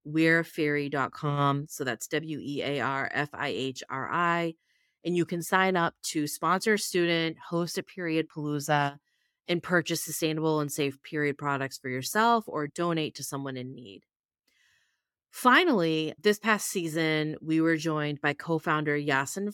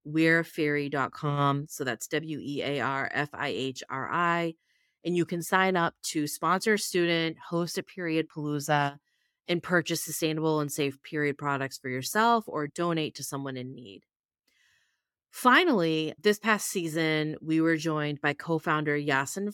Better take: neither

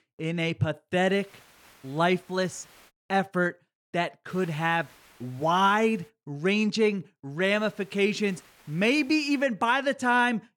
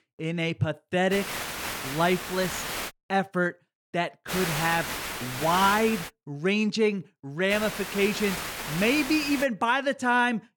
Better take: first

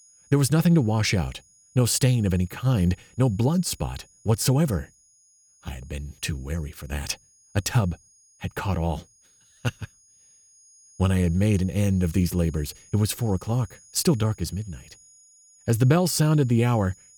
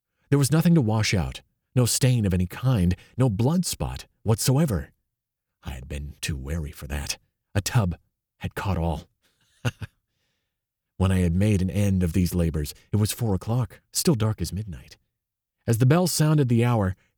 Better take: second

